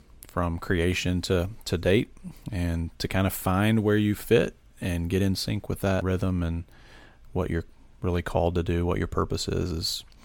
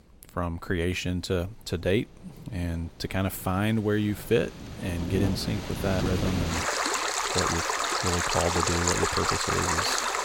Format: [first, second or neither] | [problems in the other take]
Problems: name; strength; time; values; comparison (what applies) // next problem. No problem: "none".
first | rain or running water; very loud; throughout; 2 dB above the speech